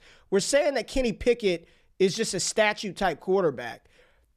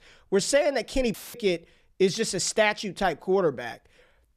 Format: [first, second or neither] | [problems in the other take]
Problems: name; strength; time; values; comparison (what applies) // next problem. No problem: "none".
first | audio cutting out; filled with static; at 1 s